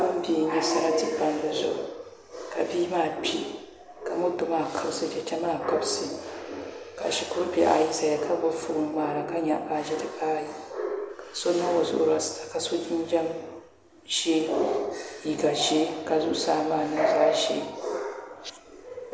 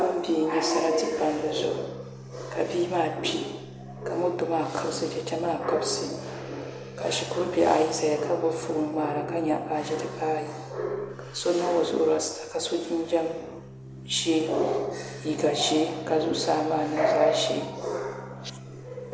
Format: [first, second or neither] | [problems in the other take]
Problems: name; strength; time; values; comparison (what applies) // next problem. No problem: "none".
first | background sound (Organ); 16 dB below the speech